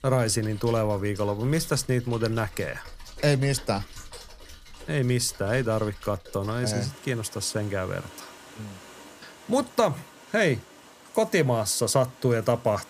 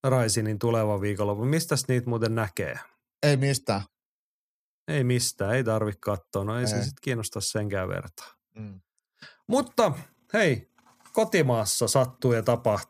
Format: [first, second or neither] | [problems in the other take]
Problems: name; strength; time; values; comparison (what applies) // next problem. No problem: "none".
second | rain or running water; noticeable; throughout; 20 dB below the speech